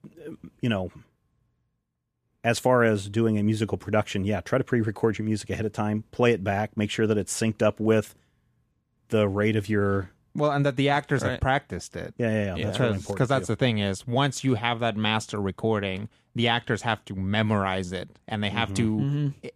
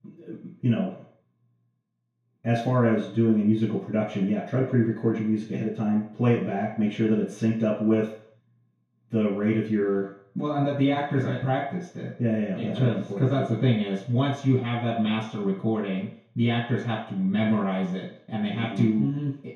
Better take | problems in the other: first | room echo; noticeable; dies away in 0.5 s // off-mic speech; far

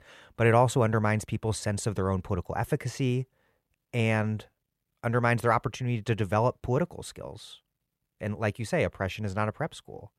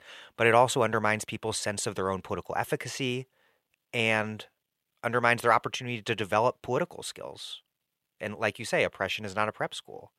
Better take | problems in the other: first | thin; somewhat; fading below 1 kHz

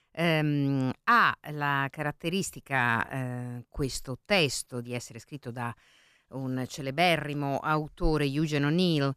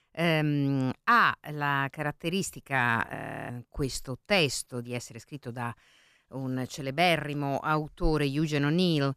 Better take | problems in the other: first | audio freezing; at 3 s

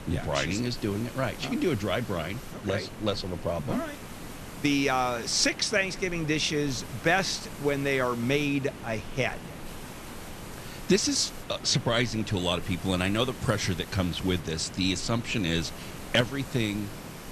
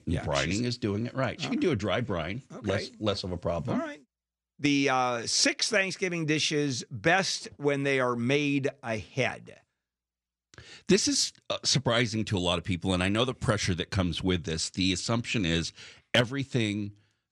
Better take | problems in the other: second | hiss; noticeable; throughout; 15 dB below the speech

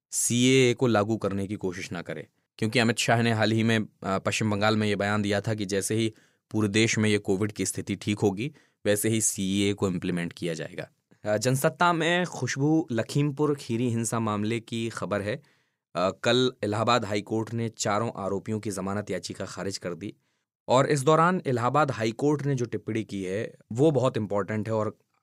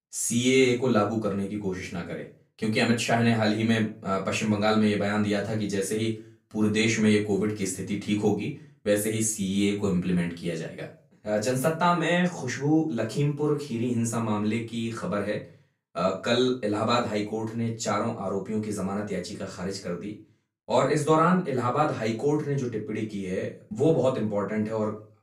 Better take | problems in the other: first | off-mic speech; far // room echo; slight; dies away in 0.3 s

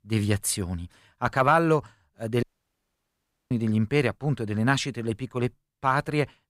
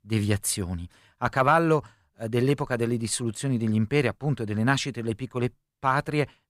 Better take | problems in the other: second | audio cutting out; at 2.5 s for 1 s

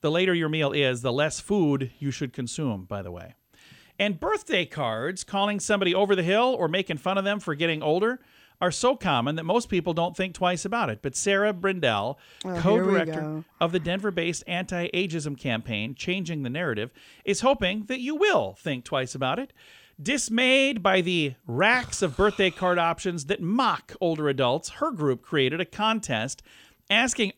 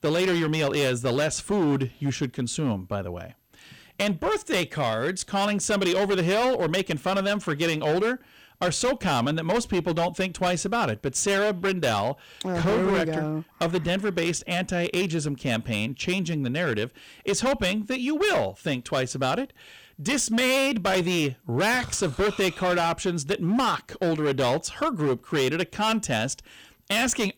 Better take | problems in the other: first | distortion; heavy; 14% of the sound clipped

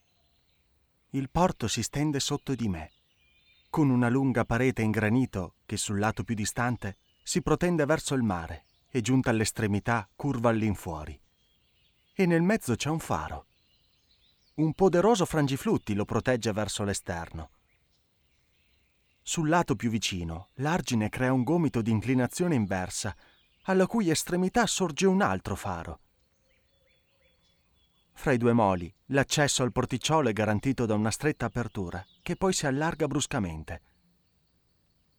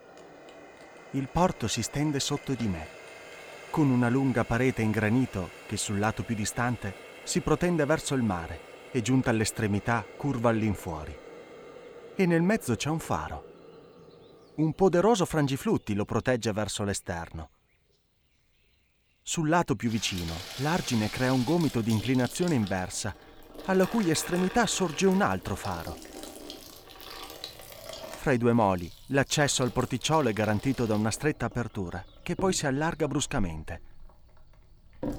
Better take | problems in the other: first | household noises; noticeable; throughout; 15 dB below the speech

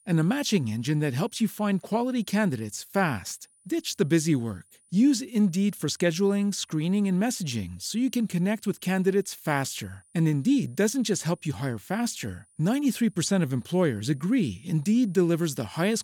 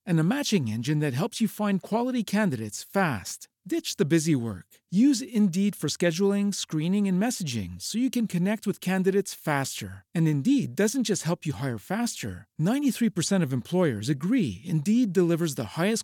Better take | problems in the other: second | high-pitched whine; faint; throughout; 9.5 kHz, 30 dB below the speech

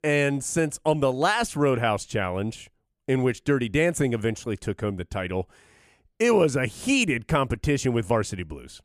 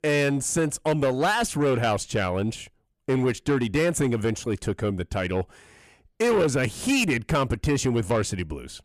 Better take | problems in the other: first | distortion; slight; 10 dB below the speech

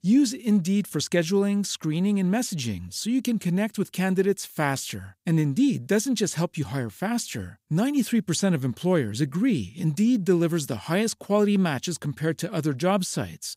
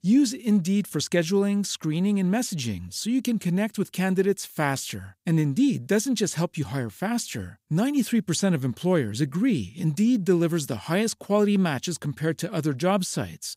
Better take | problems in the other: neither | none

